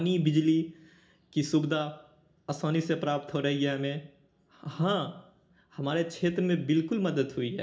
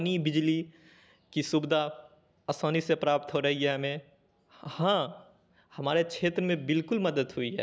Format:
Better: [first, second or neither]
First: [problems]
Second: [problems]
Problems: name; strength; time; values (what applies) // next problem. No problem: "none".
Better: second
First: room echo; dies away in 0.4 s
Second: none